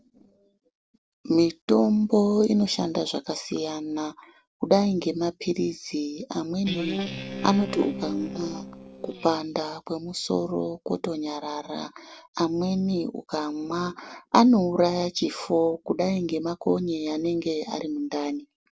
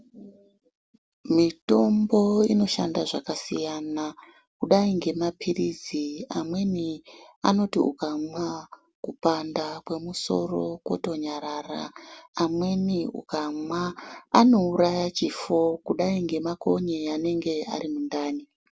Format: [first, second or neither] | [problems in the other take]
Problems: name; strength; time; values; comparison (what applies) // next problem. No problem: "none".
second | noise reduction (neural separator model SepFormer DNS4)